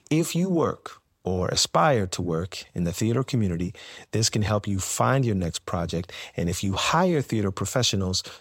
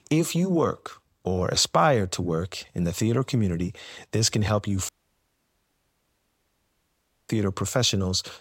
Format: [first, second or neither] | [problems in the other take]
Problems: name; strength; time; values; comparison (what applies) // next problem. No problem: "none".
first | audio cutting out; at 5 s for 2.5 s